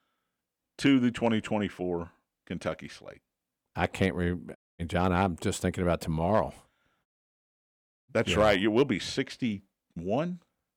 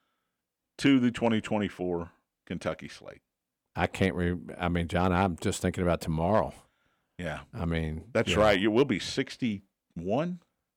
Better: second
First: audio cutting out; at 4.5 s and at 7 s for 1 s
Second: none

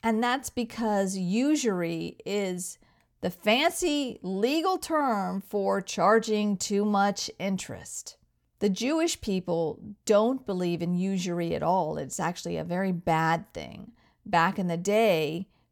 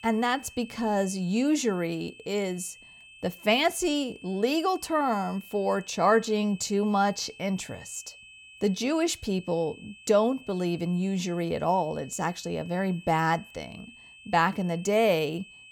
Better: first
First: none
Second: high-pitched whine; faint; throughout; 2.5 kHz, 20 dB below the speech

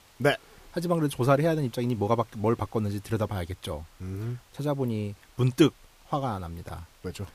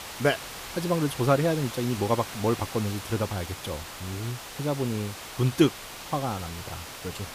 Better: first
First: hiss; faint; throughout; 30 dB below the speech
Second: hiss; loud; throughout; 9 dB below the speech

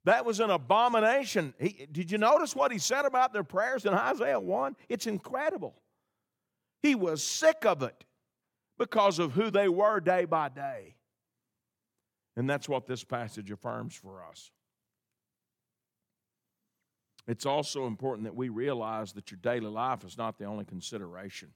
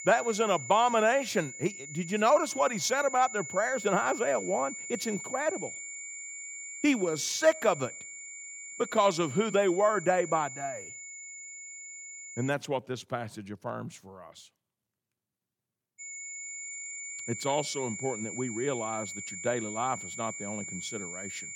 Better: first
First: none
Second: high-pitched whine; loud; until 13 s and from 16 s on; 2 kHz, 9 dB below the speech

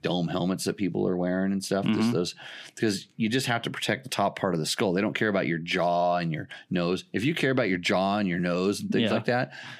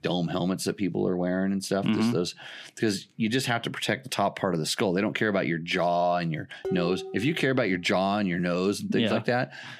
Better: first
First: none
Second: clattering dishes; noticeable; at 6.5 s; peak 6 dB below the speech

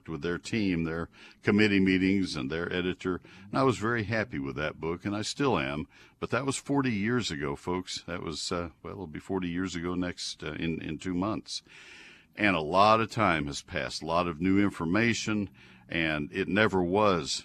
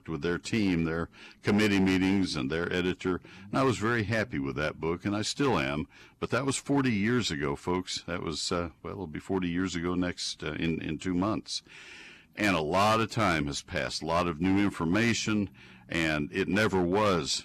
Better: first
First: none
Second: distortion; slight; 6% of the sound clipped

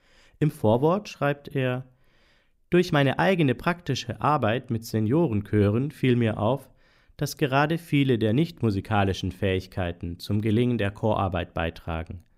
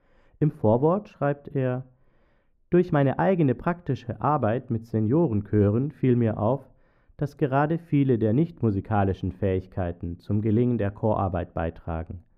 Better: first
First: none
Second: muffled; very; fading above 2 kHz

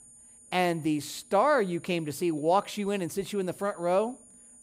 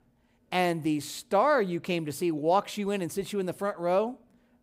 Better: second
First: high-pitched whine; faint; throughout; 9 kHz, 25 dB below the speech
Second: none

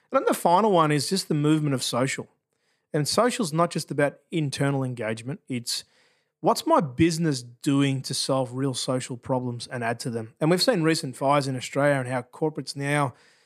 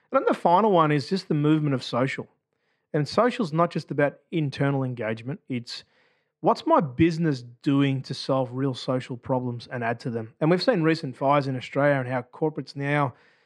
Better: first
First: none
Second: muffled; slightly; fading above 3 kHz

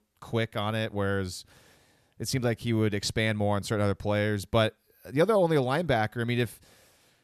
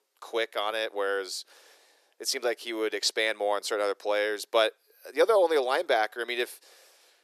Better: first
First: none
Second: thin; very; fading below 350 Hz

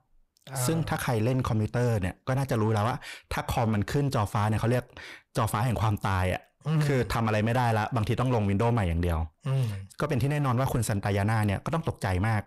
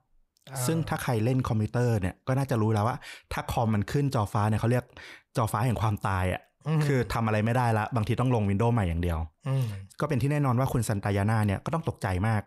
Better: second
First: distortion; slight; 14% of the sound clipped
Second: none

